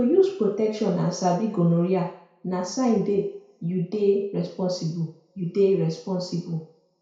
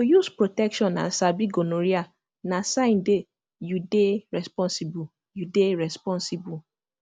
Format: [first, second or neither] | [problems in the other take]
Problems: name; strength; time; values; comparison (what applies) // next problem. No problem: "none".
second | room echo; dies away in 0.6 s